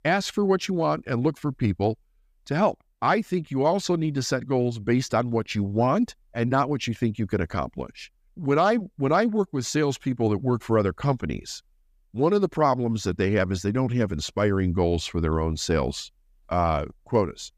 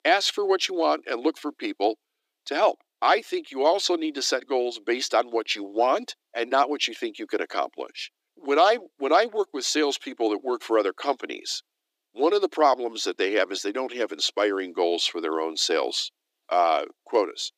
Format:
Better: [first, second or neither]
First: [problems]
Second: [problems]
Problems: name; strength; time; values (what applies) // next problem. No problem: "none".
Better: first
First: none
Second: thin; very; fading below 300 Hz